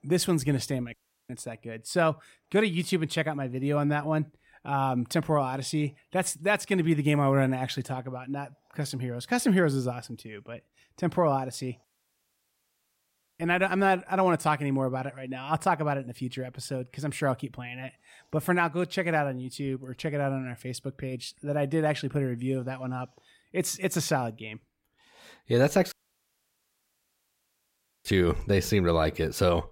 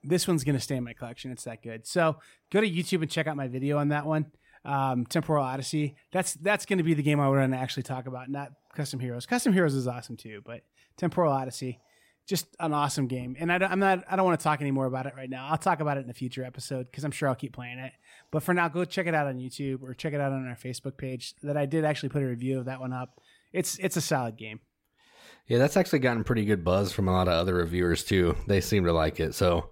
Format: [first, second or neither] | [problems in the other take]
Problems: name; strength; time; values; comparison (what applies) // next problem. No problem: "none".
second | audio cutting out; at 1 s, at 12 s for 1.5 s and at 26 s for 2 s